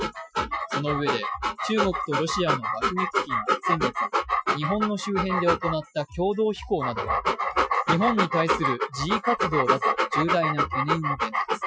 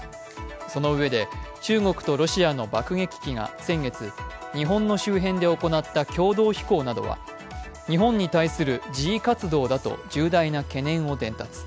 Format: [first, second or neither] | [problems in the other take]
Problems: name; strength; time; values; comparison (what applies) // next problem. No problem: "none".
second | noise reduction (classical method Wiener filter)